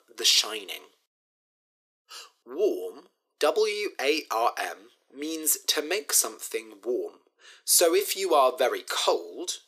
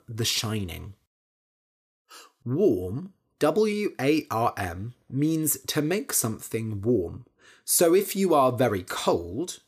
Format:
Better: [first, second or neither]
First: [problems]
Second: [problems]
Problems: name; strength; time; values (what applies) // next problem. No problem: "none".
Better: second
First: thin; very; fading below 400 Hz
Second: none